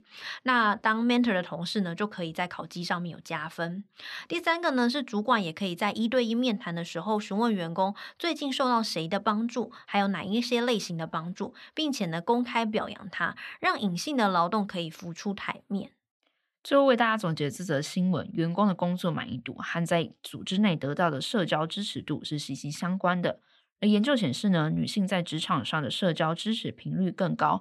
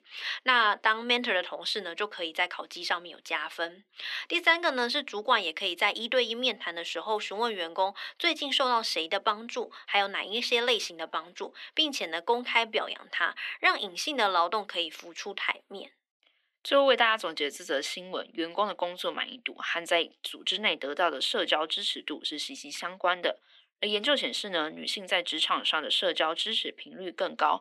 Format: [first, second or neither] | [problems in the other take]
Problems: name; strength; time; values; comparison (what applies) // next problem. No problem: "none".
first | thin; very; fading below 300 Hz